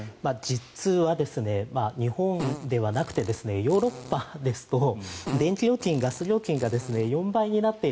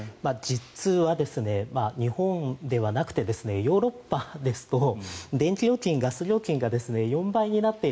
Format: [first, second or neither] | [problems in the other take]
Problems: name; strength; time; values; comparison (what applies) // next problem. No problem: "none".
second | background sound (Fart); 15 dB below the speech